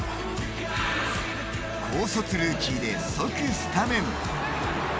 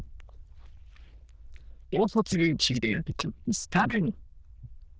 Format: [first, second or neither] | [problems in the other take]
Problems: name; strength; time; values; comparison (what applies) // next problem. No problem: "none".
first | noise reduction (neural diffusion model UNIVERSE++)